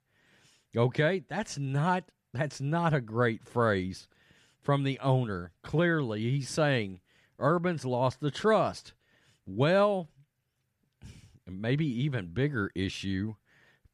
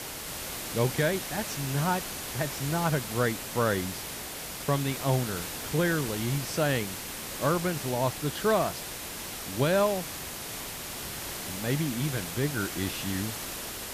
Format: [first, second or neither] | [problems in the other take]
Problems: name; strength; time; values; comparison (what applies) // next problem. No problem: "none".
first | hiss; loud; throughout; 5 dB below the speech